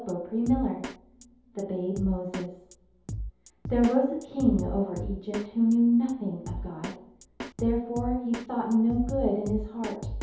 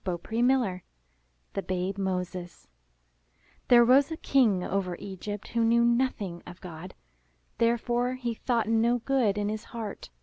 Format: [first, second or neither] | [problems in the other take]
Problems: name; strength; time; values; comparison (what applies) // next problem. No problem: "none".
second | background sound (Drum kit); 9 dB below the speech // room echo; dies away in 0.8 s